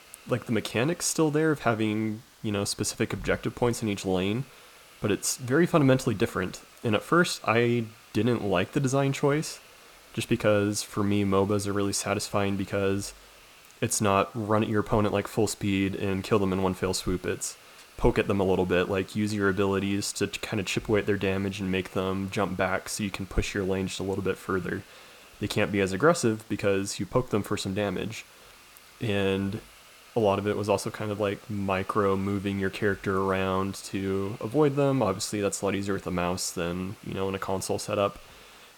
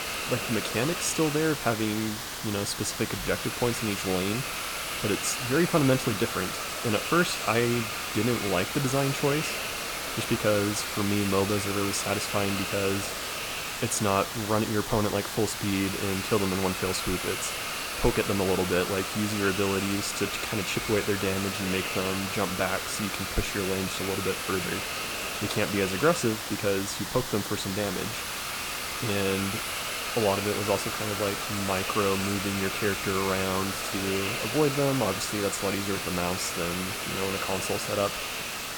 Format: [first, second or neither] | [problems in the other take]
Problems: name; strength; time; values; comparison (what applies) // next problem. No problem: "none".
first | hiss; loud; throughout; 2 dB below the speech; faint in the first